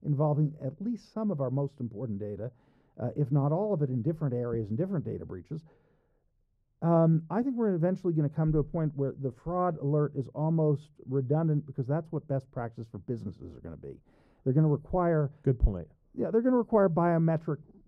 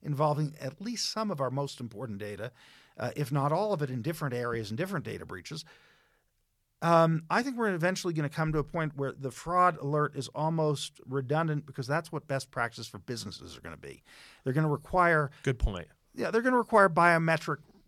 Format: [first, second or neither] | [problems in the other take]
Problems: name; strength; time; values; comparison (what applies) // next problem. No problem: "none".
second | muffled; very; fading above 1 kHz